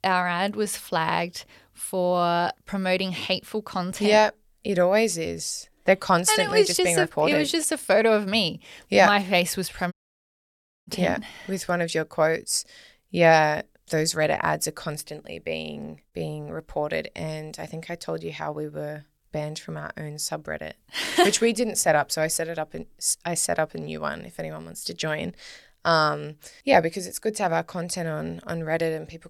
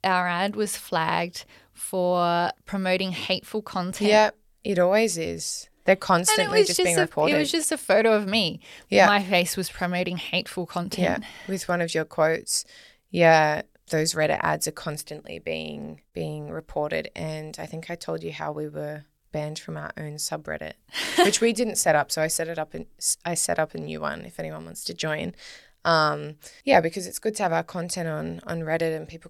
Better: second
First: audio cutting out; at 10 s for 1 s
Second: none

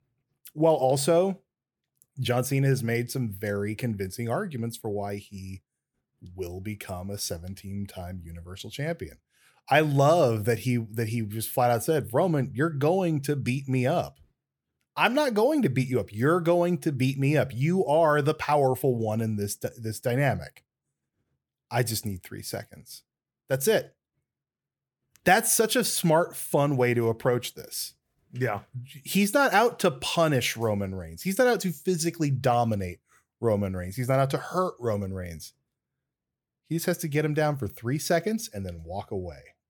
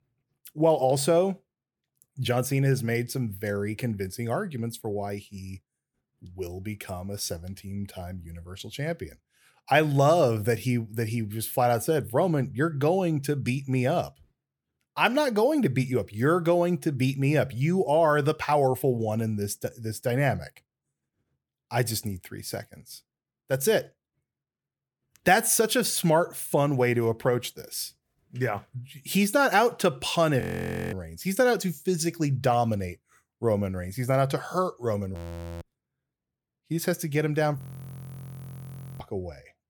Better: first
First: none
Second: audio freezing; at 30 s for 0.5 s, at 35 s and at 38 s for 1.5 s

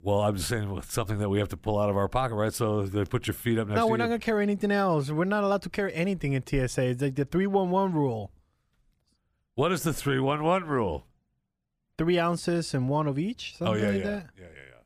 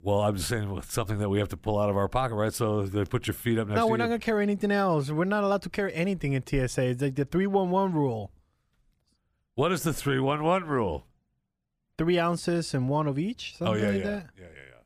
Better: neither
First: none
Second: none

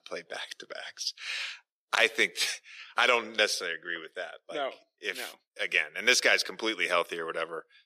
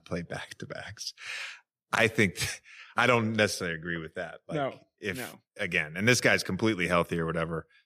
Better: second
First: thin; very; fading below 400 Hz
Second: none

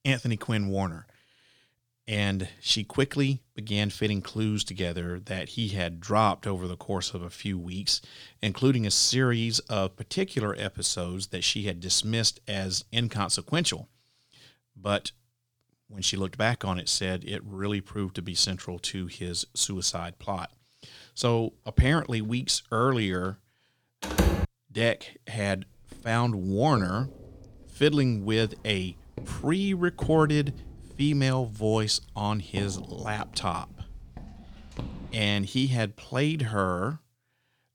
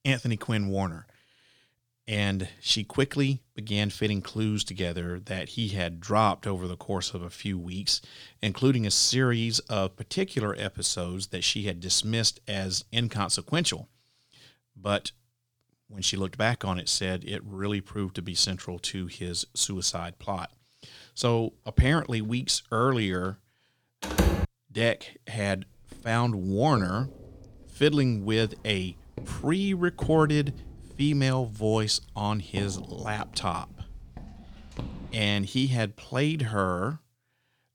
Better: neither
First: door banging; loud; at 24 s; peak 2 dB above the speech // footsteps; noticeable; from 26 to 35 s; peak 10 dB below the speech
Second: door banging; loud; at 24 s; peak 2 dB above the speech // footsteps; noticeable; from 26 to 35 s; peak 10 dB below the speech

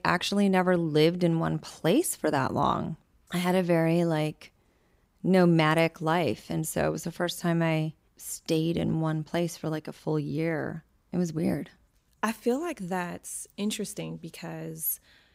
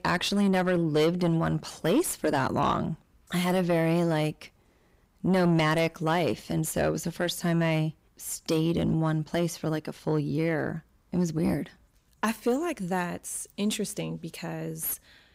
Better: first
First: none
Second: distortion; slight; 9 dB below the speech

